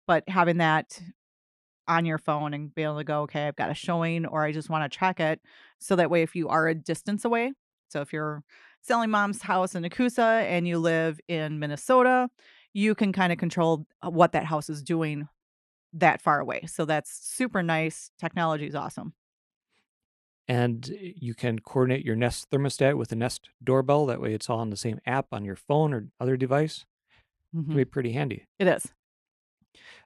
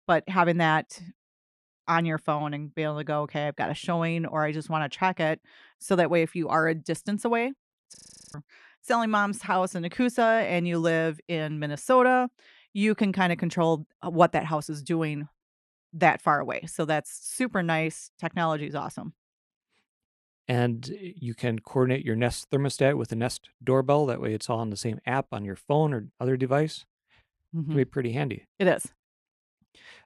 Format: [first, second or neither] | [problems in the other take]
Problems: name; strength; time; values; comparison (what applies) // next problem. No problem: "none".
first | audio freezing; at 8 s